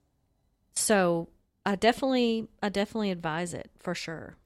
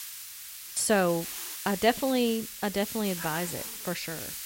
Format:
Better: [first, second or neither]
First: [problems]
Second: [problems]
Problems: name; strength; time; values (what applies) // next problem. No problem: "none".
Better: first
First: none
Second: hiss; loud; throughout; 7 dB below the speech